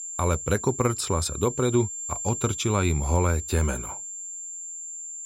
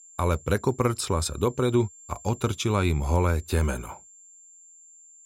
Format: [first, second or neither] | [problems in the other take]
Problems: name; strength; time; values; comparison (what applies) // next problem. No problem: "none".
second | high-pitched whine; loud; throughout; 7.5 kHz, 7 dB below the speech; faint in the second